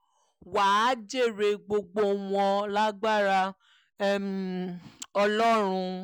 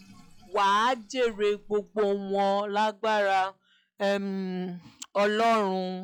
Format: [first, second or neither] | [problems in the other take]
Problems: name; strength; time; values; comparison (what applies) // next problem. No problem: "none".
first | noise reduction (classical method log-MMSE)